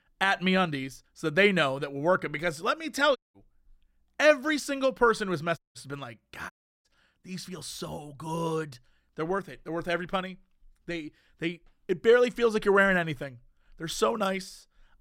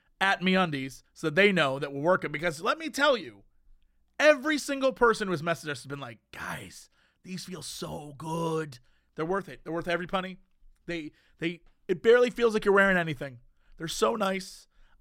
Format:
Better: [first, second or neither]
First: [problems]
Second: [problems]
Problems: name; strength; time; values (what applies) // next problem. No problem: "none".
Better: second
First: audio cutting out; at 3 s, at 5.5 s and at 6.5 s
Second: none